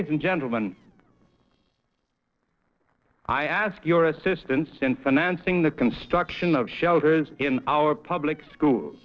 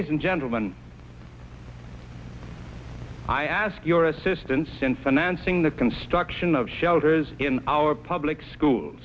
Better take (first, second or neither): second